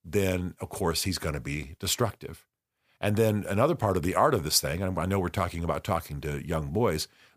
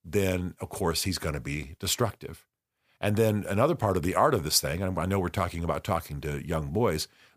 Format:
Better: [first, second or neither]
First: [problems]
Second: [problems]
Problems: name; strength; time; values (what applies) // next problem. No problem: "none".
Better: neither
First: none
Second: none